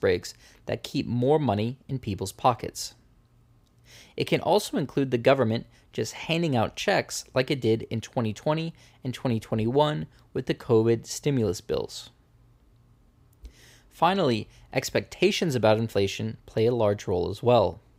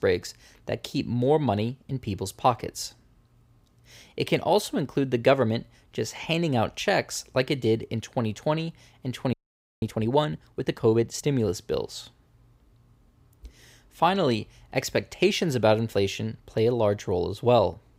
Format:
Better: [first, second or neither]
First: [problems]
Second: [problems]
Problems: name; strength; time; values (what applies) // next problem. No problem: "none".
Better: first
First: none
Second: audio freezing; at 9.5 s